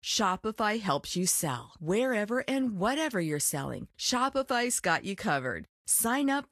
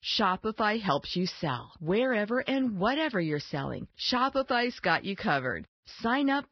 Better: first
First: garbled, watery; slightly; nothing above 12.5 kHz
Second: garbled, watery; badly; nothing above 5.5 kHz

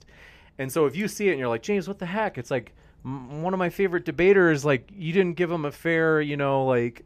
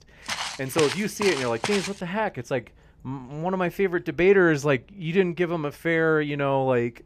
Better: first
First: none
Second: footsteps; noticeable; until 2 s; peak 5 dB below the speech

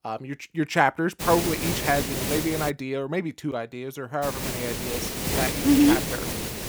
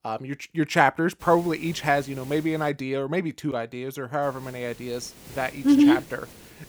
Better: second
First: hiss; loud; from 1 to 2.5 s and from 4 s on; 2 dB below the speech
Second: hiss; faint; from 1 to 2.5 s and from 4 s on; 20 dB below the speech

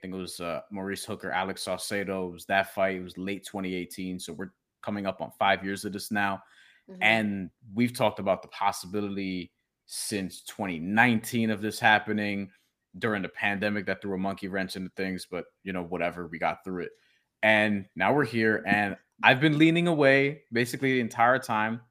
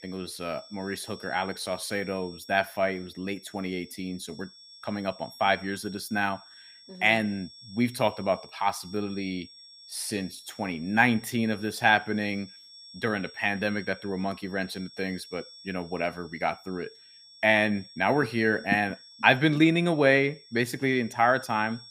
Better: first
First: none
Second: high-pitched whine; noticeable; throughout; 5.5 kHz, 20 dB below the speech

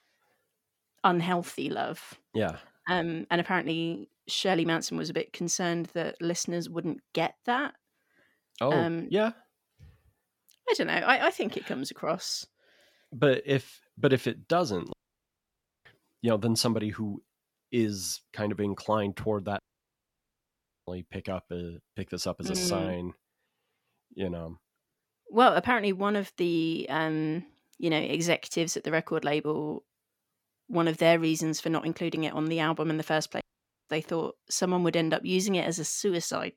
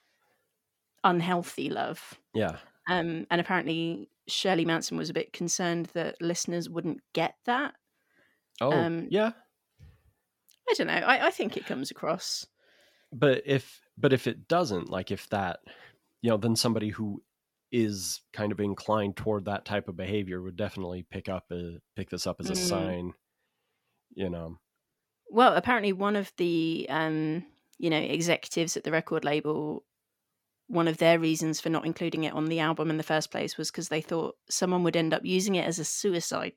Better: second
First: audio cutting out; at 15 s for 1 s, at 20 s for 1.5 s and at 33 s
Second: none

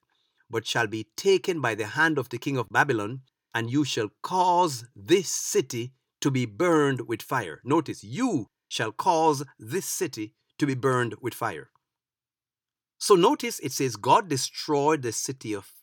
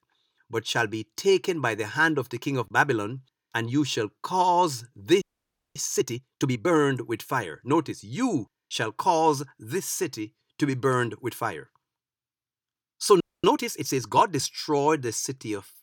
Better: first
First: none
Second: audio freezing; at 5 s for 0.5 s and at 13 s

